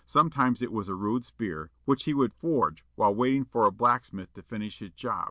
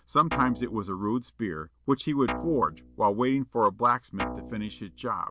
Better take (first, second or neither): first